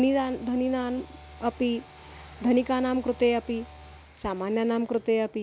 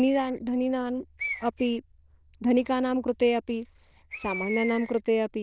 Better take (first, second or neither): first